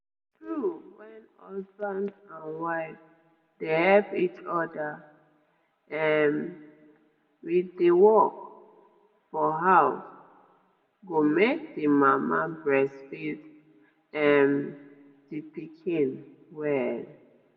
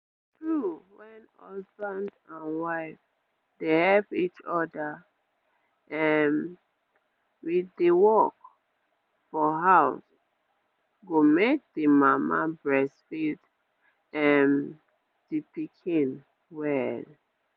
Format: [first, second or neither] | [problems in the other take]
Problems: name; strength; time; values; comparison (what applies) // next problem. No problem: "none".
second | room echo; dies away in 0.8 s